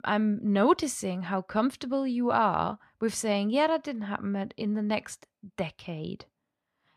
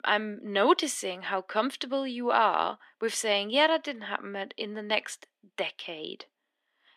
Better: first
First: none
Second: thin; somewhat; fading below 300 Hz

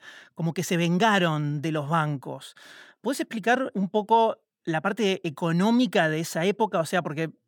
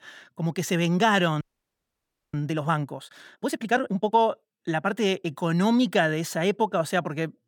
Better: first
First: none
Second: audio freezing; at 1.5 s for 1 s

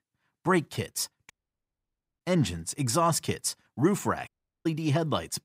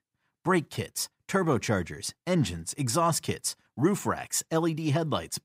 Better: second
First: audio cutting out; at 1.5 s for 1 s and at 4.5 s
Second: none

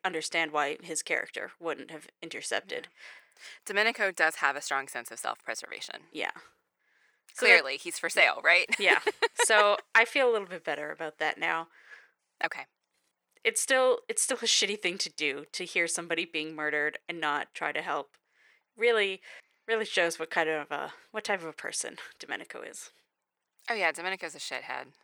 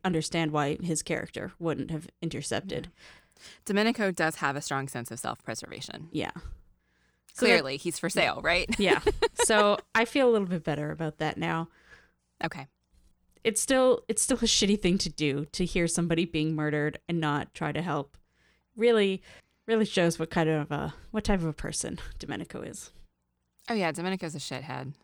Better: second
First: thin; very; fading below 550 Hz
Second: none

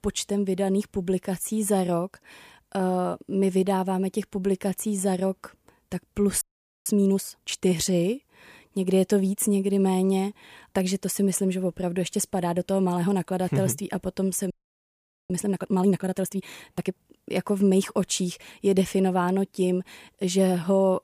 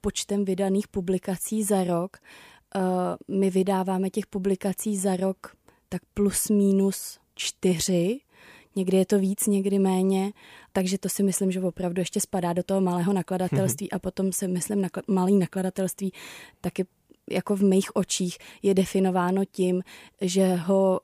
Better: second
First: audio freezing; at 6.5 s and at 15 s for 1 s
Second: none

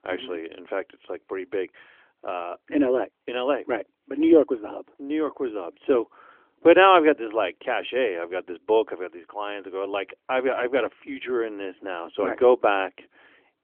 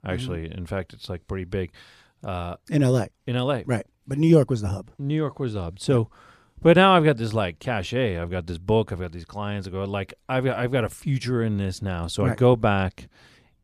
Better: second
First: phone-call audio; nothing above 3.5 kHz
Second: none

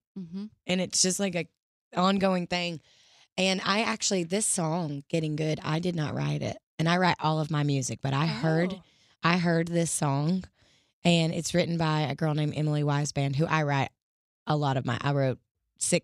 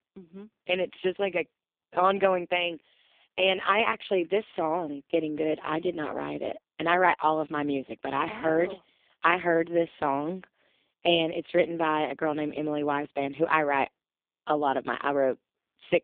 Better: first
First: none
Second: phone-call audio; poor line; nothing above 3.5 kHz

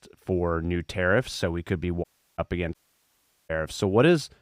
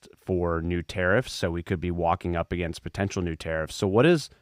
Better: second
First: audio cutting out; at 2 s and at 2.5 s for 1 s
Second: none

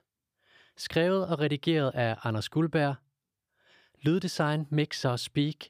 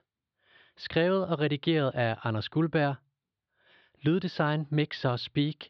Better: first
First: none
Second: muffled; very slightly; fading above 4 kHz

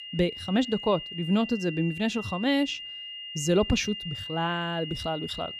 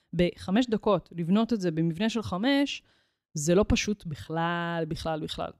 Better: second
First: high-pitched whine; loud; throughout; 3 kHz, 8 dB below the speech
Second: none

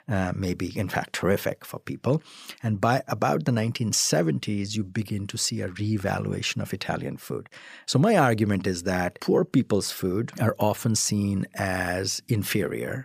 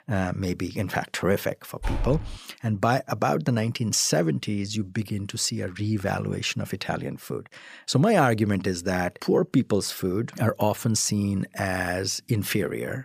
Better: first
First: none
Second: door banging; noticeable; at 2 s; peak 6 dB below the speech

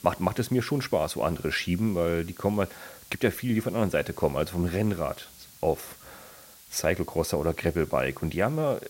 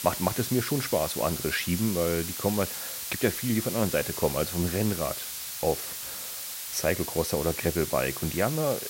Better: first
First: hiss; faint; throughout; 20 dB below the speech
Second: hiss; loud; throughout; 4 dB below the speech

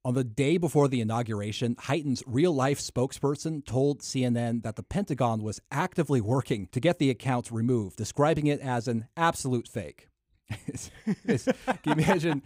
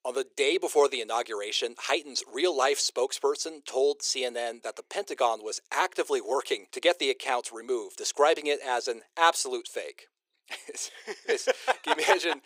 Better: first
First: none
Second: thin; very; fading below 400 Hz

